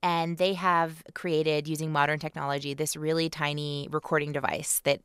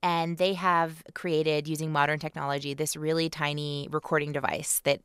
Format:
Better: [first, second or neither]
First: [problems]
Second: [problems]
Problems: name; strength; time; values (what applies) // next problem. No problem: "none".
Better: neither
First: none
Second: none